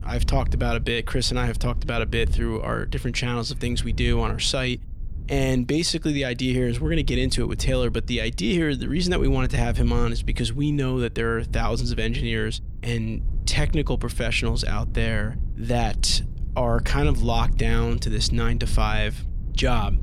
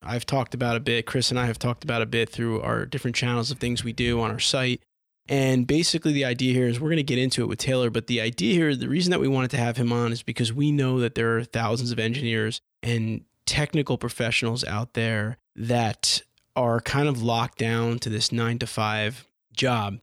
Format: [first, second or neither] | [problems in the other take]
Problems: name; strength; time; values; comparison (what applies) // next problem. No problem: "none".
second | wind noise on the microphone; occasional gusts; 20 dB below the speech